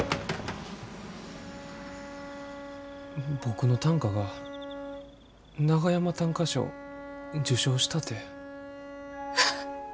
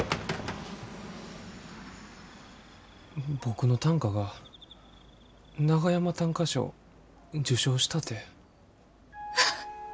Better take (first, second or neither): second